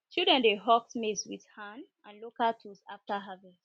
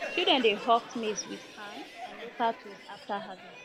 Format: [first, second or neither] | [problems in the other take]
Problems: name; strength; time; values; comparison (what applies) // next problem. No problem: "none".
first | background sound (Crowd); 12 dB below the speech